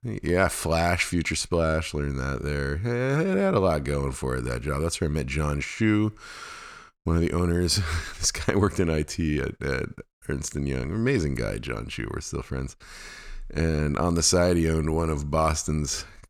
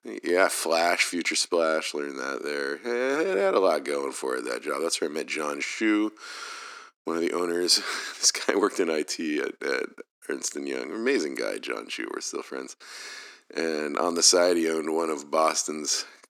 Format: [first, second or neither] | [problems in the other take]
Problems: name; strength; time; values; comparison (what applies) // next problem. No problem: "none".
first | thin; somewhat; fading below 250 Hz